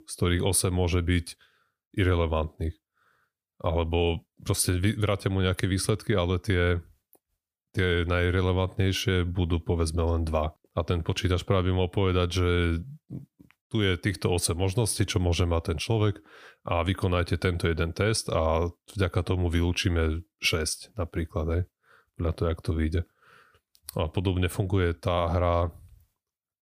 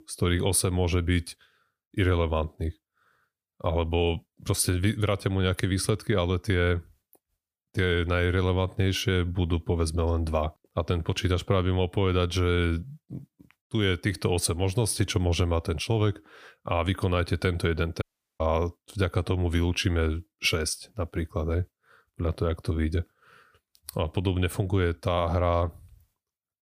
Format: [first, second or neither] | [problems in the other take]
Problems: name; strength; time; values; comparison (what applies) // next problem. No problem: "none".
first | audio cutting out; at 18 s